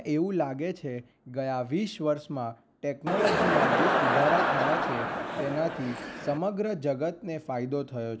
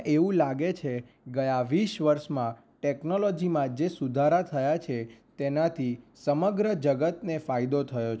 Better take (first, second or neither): second